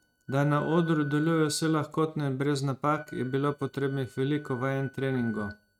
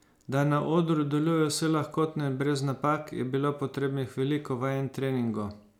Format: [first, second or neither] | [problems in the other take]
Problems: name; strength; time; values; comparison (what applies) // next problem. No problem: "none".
second | noise reduction (neural mask model RNNoise)